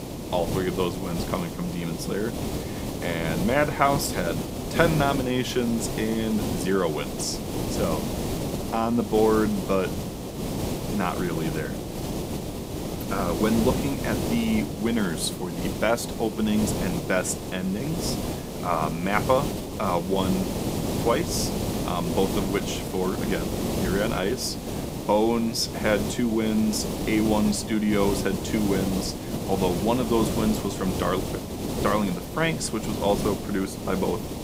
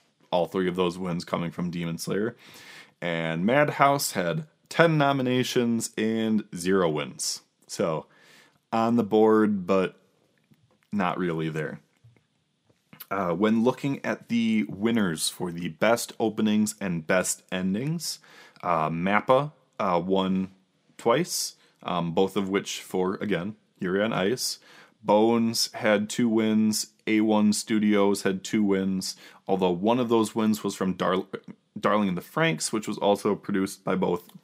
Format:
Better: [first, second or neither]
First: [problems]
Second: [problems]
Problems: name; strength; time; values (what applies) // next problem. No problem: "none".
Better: second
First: hiss; loud; throughout; 4 dB below the speech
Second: none